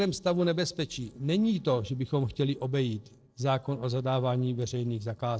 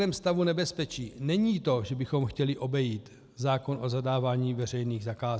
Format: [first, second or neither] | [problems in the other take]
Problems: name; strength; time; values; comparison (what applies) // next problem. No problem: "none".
second | noise reduction (neural separator model SepFormer DNS4)